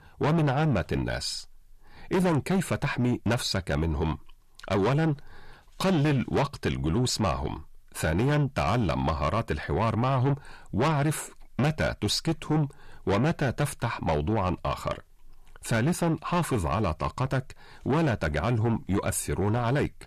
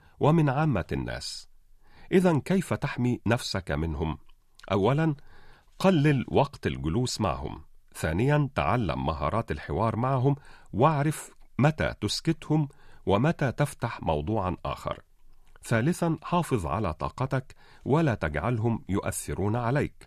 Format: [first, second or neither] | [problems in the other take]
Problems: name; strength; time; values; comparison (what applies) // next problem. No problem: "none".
second | distortion; heavy; 8 dB below the speech